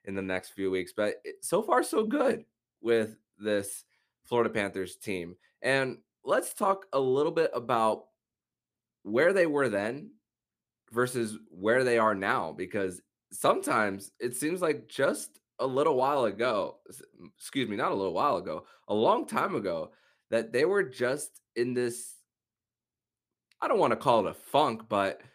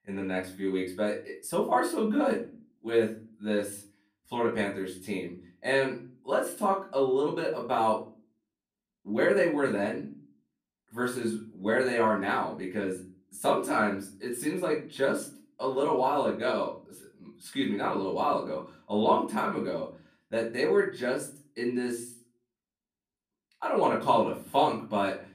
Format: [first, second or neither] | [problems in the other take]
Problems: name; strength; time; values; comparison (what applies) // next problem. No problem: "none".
first | off-mic speech; far // room echo; very slight; dies away in 0.3 s